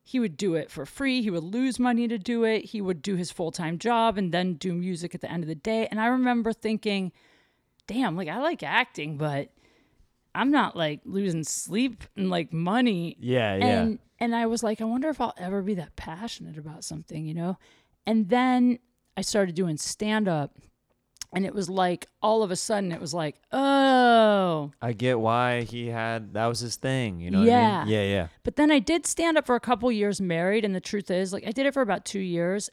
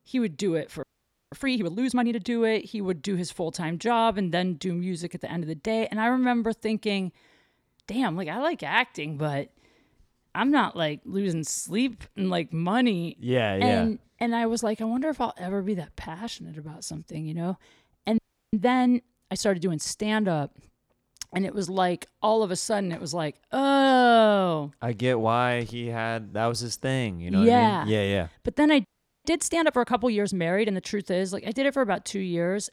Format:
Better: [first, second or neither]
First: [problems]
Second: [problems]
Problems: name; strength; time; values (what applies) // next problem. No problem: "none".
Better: first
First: none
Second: audio freezing; at 1 s, at 18 s and at 29 s